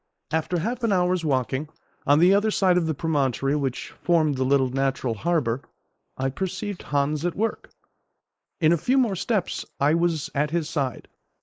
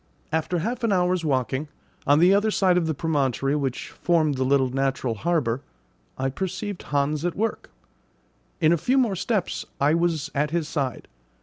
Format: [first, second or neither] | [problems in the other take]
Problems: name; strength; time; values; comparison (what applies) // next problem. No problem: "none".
second | noise reduction (neural mask model Resemble Enhance denoiser)